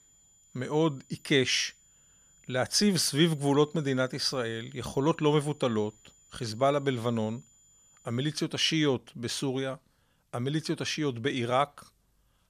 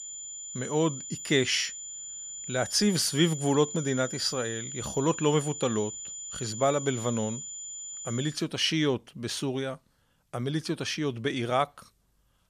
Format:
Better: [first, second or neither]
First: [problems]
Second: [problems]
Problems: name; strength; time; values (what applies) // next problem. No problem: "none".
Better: first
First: high-pitched whine; faint; until 8.5 s; 7 kHz, 30 dB below the speech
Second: high-pitched whine; loud; until 8.5 s; 7 kHz, 8 dB below the speech